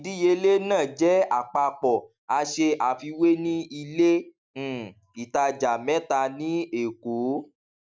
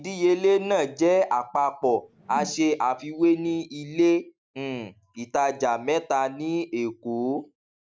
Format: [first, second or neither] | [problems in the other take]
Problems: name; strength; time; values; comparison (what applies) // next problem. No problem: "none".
first | background sound (Whoosh, swoosh, swish); 17 dB below the speech